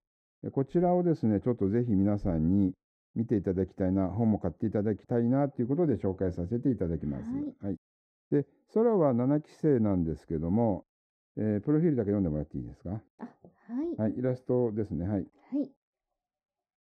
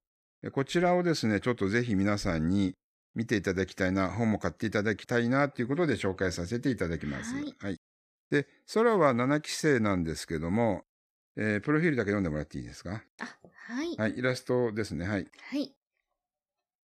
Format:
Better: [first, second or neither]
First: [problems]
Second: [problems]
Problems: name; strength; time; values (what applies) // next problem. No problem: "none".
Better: second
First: muffled; very; fading above 1 kHz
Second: none